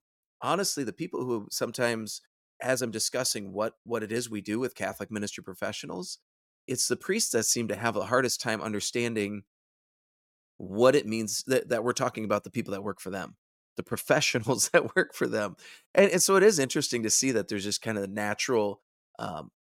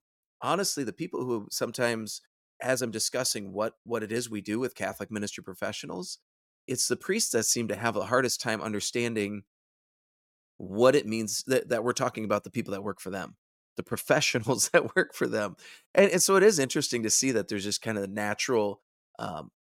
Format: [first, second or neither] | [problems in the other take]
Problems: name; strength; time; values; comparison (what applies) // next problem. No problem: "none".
neither | none